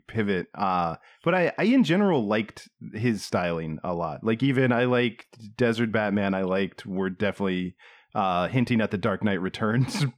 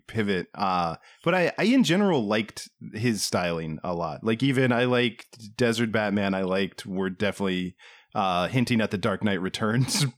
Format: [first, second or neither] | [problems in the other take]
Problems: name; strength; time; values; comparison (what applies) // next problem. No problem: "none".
second | muffled; slightly; fading above 3.5 kHz